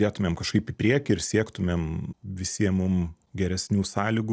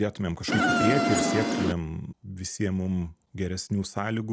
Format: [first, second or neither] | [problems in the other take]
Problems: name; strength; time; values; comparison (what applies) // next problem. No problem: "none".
first | background sound (Insect); 5 dB above the speech